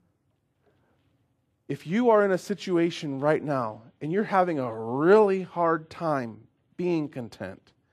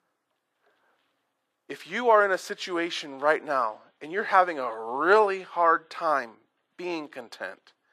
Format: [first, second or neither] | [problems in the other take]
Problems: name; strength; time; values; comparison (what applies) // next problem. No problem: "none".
first | thin; very; fading below 550 Hz